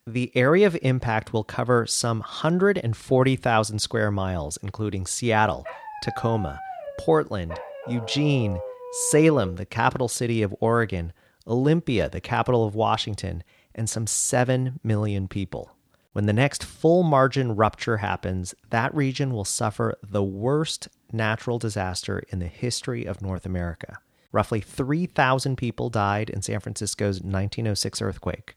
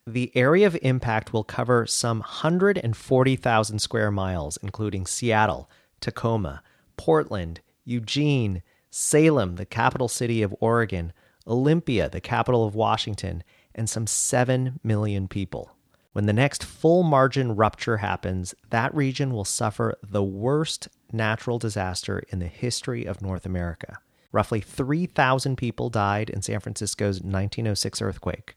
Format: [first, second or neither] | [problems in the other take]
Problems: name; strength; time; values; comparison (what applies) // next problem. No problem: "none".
second | dog barking; faint; from 5.5 to 9.5 s; peak 10 dB below the speech